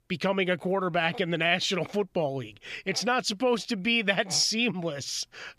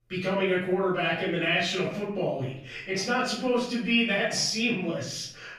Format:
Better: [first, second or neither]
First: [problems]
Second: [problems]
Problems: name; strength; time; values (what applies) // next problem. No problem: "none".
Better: first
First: none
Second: off-mic speech; far // room echo; noticeable; dies away in 0.6 s